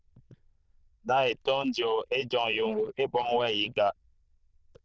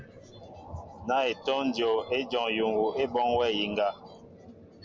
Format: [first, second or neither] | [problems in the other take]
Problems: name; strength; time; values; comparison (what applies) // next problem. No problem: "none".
second | noise reduction (neural diffusion model UNIVERSE++)